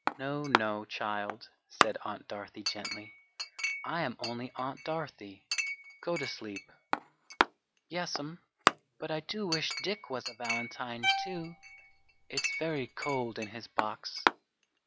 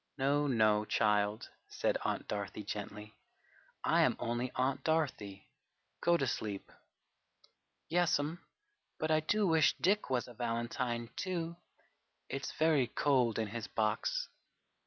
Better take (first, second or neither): second